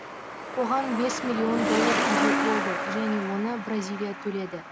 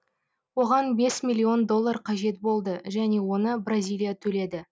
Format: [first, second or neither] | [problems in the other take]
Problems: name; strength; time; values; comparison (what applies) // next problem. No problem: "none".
second | background sound (Truck); as loud as the speech